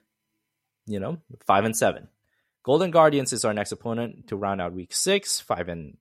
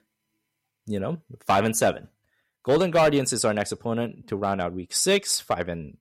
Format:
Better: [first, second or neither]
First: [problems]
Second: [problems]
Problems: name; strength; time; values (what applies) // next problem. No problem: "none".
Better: first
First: none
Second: distortion; slight; 3% of the sound clipped